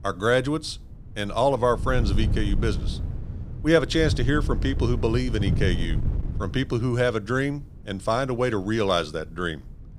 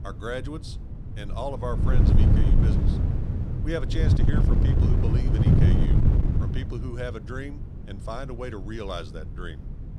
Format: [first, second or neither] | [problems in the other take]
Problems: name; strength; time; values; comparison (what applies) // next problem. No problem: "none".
first | wind noise on the microphone; heavy; 2 dB above the speech; occasional gusts in the first